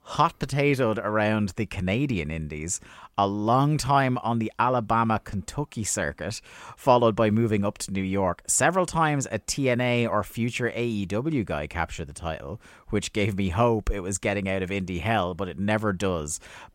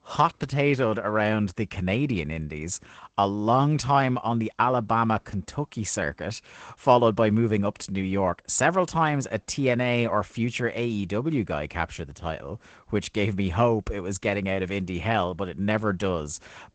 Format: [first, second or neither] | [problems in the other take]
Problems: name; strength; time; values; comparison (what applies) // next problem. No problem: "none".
first | garbled, watery; slightly; nothing above 8 kHz